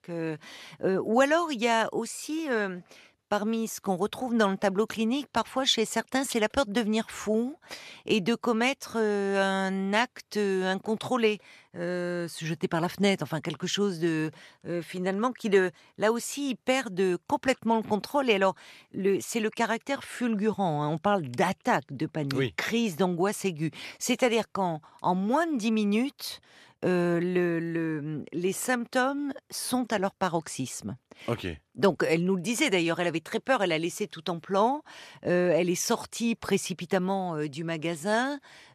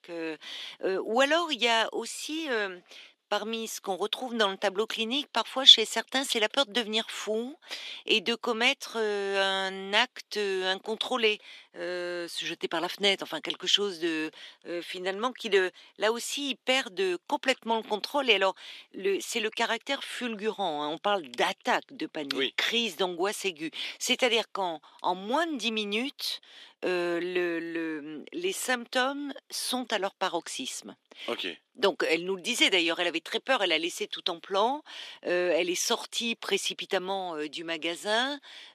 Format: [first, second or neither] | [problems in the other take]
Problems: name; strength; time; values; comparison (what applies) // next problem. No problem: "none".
first | thin; very slightly; fading below 250 Hz